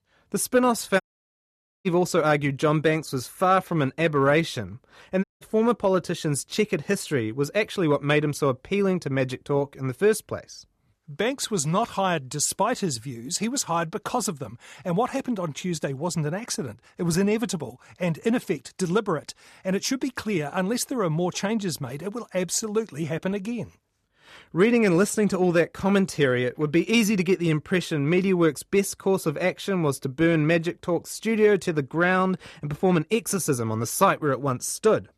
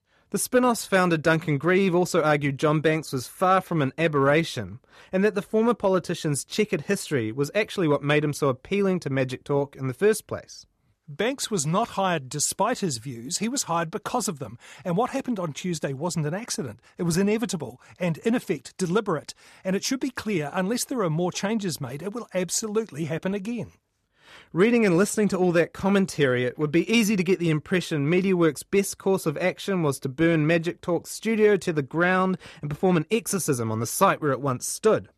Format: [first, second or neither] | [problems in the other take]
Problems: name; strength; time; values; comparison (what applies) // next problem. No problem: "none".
second | audio cutting out; at 1 s for 1 s and at 5 s